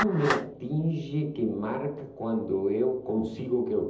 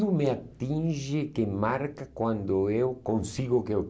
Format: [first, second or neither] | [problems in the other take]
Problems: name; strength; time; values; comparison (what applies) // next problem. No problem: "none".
second | background sound (Clapping); 11 dB below the speech // room echo; dies away in 1.2 s